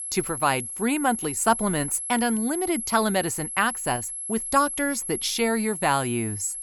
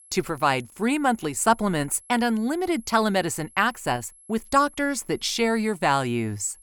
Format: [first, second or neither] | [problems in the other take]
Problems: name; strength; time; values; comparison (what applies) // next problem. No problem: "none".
second | high-pitched whine; loud; throughout; 11 kHz, 5 dB below the speech; faint in the second